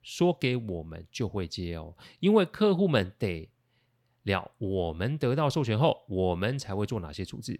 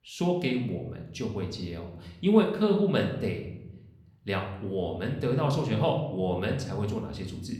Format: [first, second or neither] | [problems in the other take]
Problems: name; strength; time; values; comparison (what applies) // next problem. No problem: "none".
first | room echo; slight; dies away in 0.7 s // off-mic speech; somewhat distant